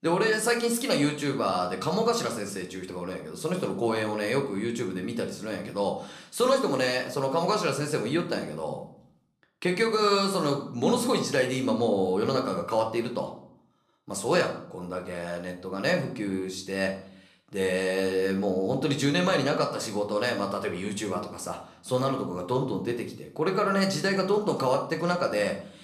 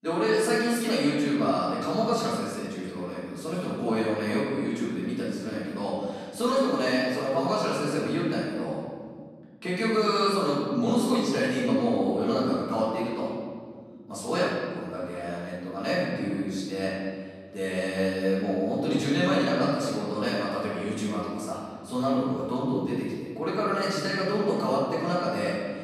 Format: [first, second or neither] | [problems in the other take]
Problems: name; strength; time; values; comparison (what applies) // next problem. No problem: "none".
first | room echo; strong; dies away in 1.9 s; slight in the first // off-mic speech; far